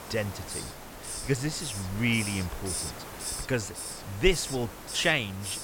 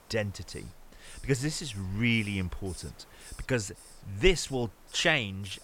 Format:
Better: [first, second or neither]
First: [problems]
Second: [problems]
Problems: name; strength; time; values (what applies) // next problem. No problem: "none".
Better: second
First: hiss; loud; throughout; 7 dB below the speech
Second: hiss; faint; throughout; 20 dB below the speech